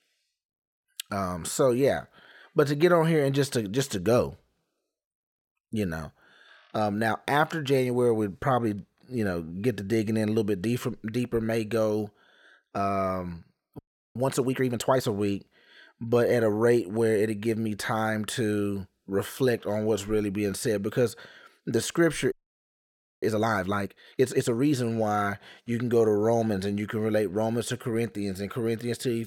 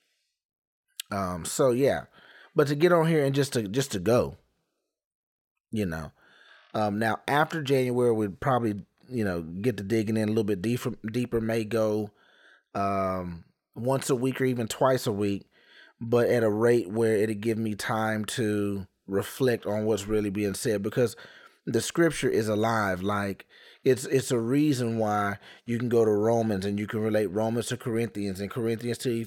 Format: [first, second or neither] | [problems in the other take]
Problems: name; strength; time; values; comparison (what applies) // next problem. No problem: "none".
second | audio freezing; at 14 s and at 22 s for 1 s